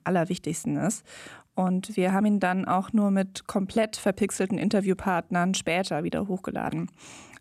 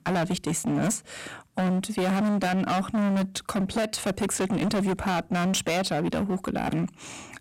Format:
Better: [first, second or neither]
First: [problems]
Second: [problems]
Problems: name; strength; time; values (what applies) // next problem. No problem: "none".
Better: first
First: none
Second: distortion; heavy; 29% of the sound clipped